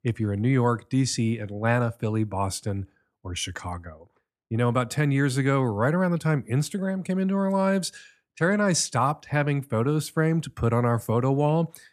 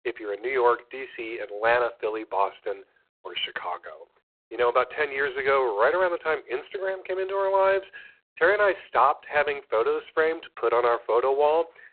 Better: first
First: none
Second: phone-call audio; poor line; nothing above 4 kHz

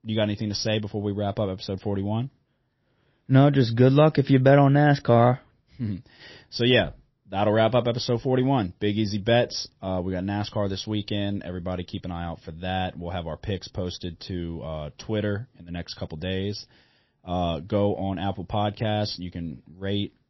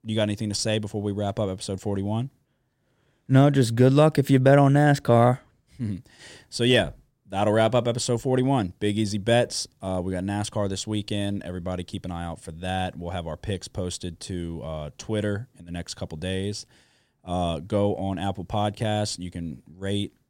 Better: second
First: garbled, watery; slightly; nothing above 5.5 kHz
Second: none

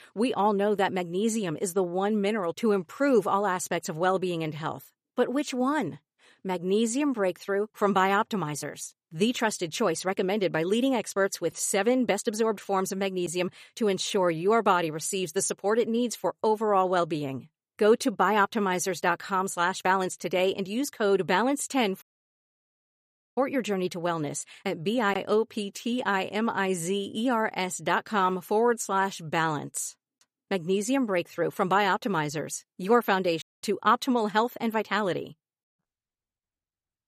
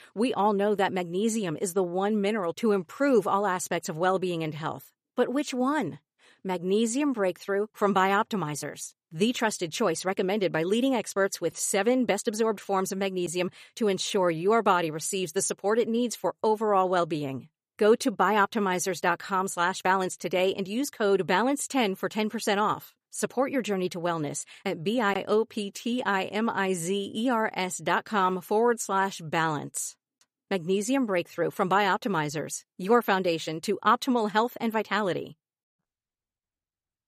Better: second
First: audio cutting out; at 22 s for 1.5 s and at 33 s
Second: none

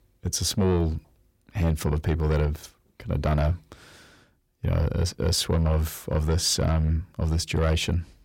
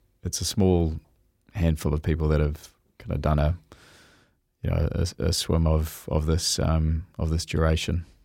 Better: second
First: distortion; slight; 10 dB below the speech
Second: none

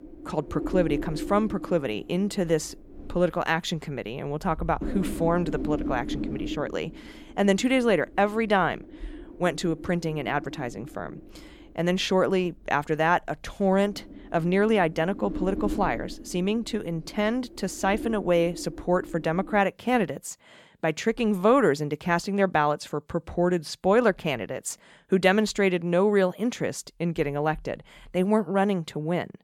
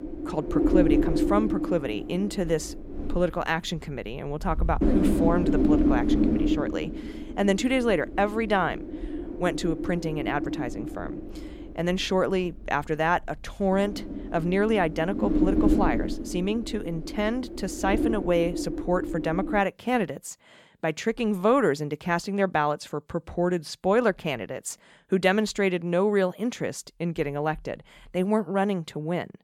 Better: first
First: wind noise on the microphone; occasional gusts; until 20 s; 15 dB below the speech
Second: wind noise on the microphone; heavy; until 20 s; 4 dB below the speech

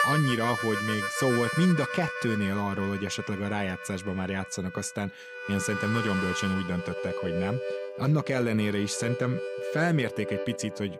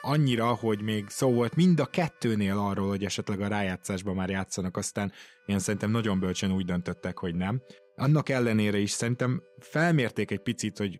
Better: second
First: background music; loud; throughout; 5 dB below the speech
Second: background music; faint; throughout; 30 dB below the speech

